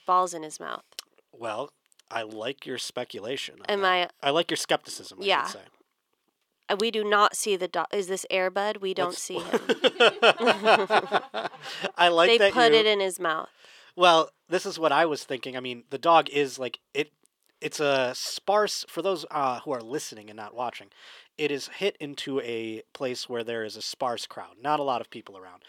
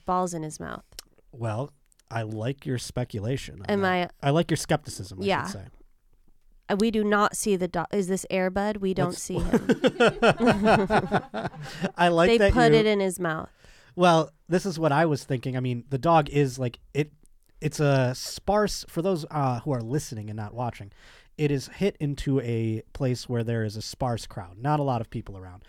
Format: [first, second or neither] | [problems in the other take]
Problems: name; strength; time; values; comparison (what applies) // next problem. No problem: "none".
second | thin; somewhat; fading below 400 Hz